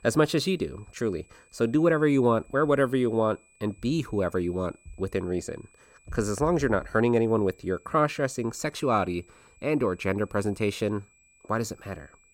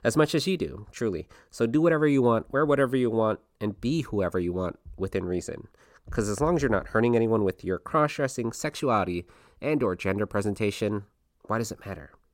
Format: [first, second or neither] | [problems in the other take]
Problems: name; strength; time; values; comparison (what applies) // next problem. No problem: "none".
second | high-pitched whine; faint; throughout; 2.5 kHz, 30 dB below the speech